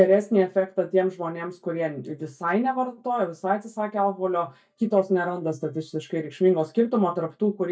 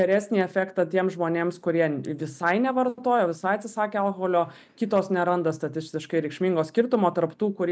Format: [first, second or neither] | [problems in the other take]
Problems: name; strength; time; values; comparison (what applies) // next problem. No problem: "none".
second | noise reduction (neural mask model DeepFilterNet 3)